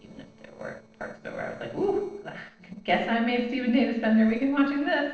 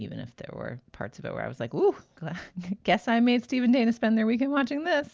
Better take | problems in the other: second | noise reduction (neural separator model SepFormer DNS4)

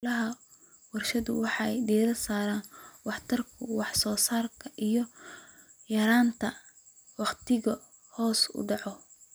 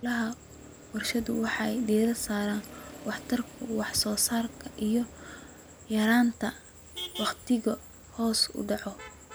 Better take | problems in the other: first | background sound (Motor vehicle (road)); 16 dB below the speech

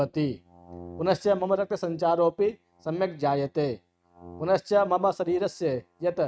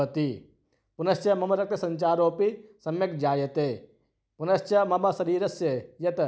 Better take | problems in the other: second | noise reduction (neural mask model RNNoise)

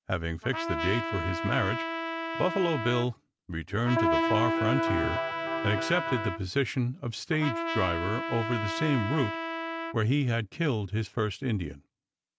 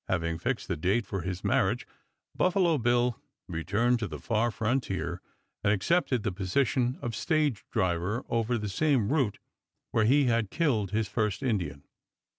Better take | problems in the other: second | background sound (Trumpet + Electric guitar); 2 dB below the speech

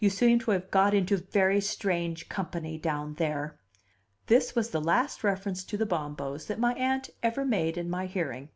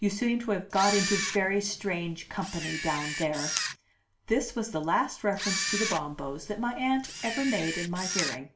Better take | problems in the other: first | background sound (Camera); 4 dB below the speech // room echo; dies away in 0.3 s

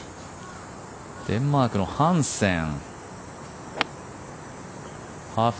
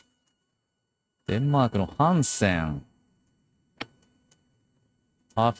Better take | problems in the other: first | noise reduction (neural mask model RNNoise)

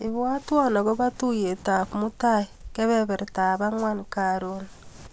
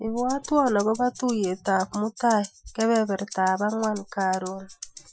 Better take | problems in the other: first | noise reduction (classical method Wiener filter)

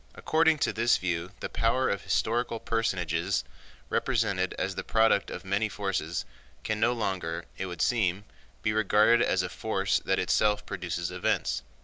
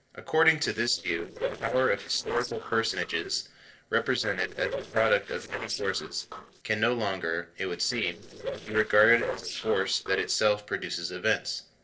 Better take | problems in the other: first | noise reduction (neural separator model SepFormer DNS4)

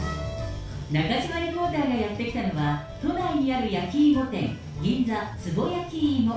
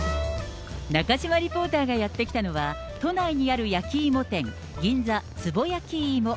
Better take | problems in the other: second | room echo; dies away in 0.4 s

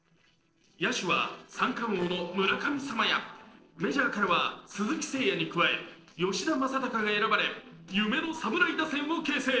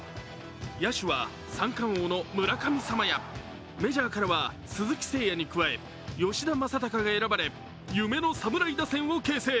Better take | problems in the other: second | noise reduction (neural separator model SepFormer DNS4)

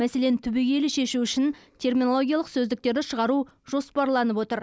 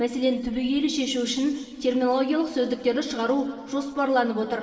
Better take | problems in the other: first | room echo; dies away in 2.2 s

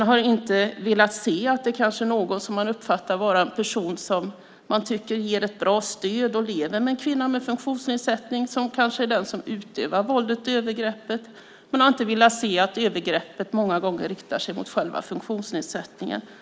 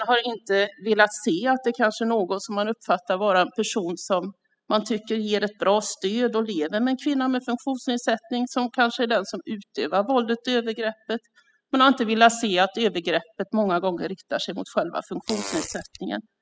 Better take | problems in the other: first | noise reduction (classical method spectral subtraction)

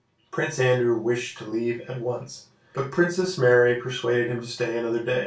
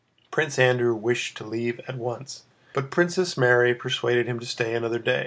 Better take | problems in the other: second | room echo; dies away in 0.2 s

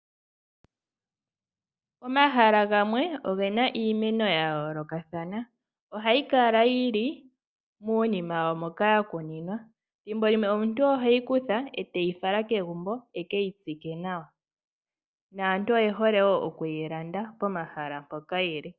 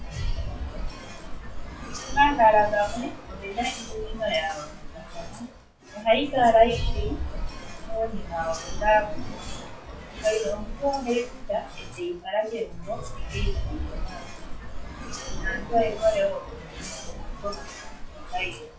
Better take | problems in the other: first | noise reduction (classical method WPE with log-MMSE)

